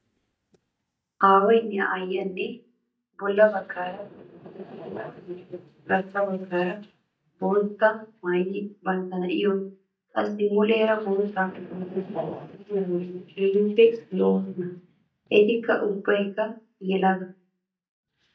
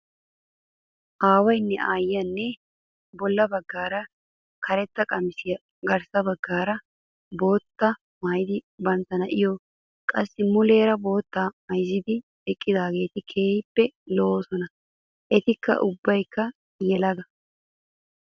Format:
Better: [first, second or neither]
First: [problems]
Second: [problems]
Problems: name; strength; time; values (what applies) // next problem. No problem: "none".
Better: second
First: noise reduction (neural mask model DeepFilterNet 3)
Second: none